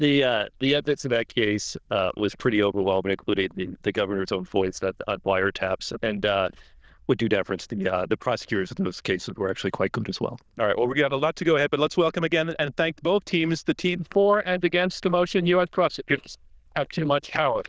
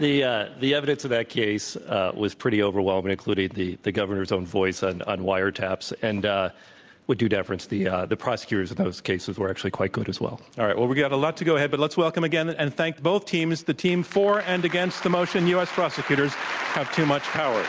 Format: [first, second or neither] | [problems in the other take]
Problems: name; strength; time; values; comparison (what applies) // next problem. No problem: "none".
second | noise reduction (neural diffusion model UNIVERSE++)